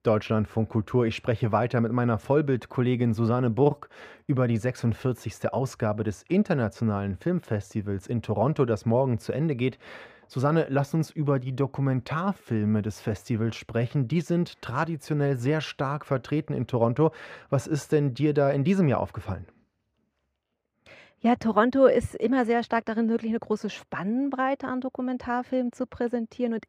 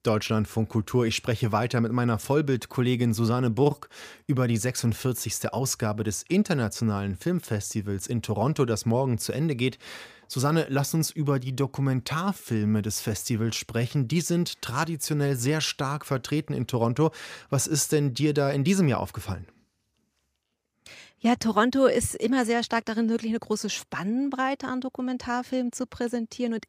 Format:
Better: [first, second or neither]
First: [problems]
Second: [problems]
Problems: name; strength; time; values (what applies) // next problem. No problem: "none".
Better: second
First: muffled; very; fading above 4 kHz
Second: none